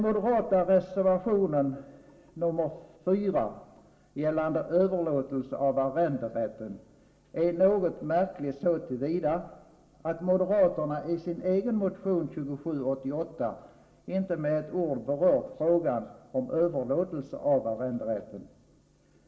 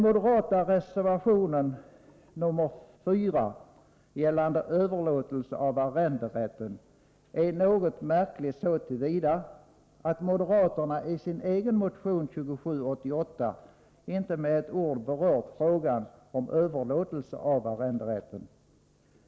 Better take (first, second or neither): second